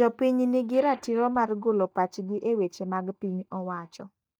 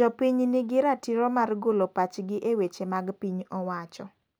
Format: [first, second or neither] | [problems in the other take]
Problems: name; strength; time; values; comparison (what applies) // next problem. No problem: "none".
second | noise reduction (neural mask model DeepFilterNet 3)